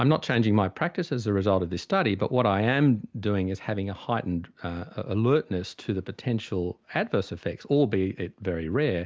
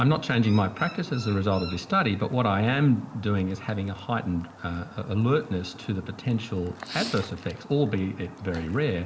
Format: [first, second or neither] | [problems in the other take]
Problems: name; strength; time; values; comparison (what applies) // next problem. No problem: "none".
first | background sound (Chirp, tweet); 17 dB below the speech // room echo; dies away in 0.9 s